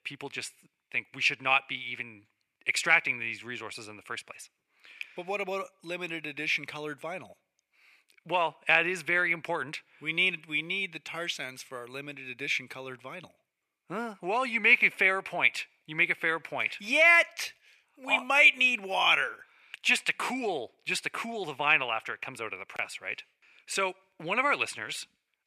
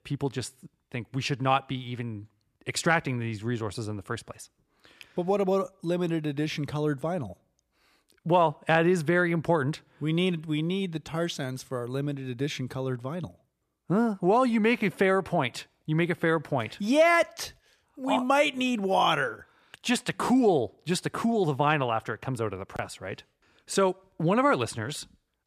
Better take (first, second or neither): second